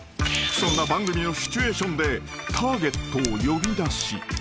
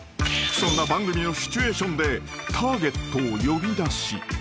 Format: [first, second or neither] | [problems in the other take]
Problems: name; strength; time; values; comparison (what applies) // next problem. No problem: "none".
second | background sound (Scissors); 14 dB below the speech